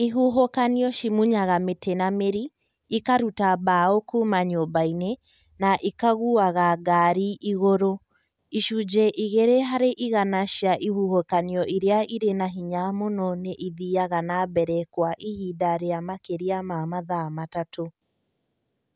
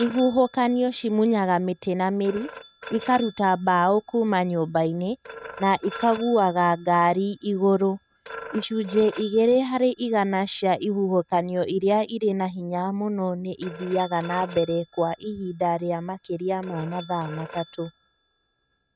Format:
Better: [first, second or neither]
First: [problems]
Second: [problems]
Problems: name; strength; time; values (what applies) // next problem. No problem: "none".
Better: first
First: none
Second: noise reduction (neural mask model RNNoise)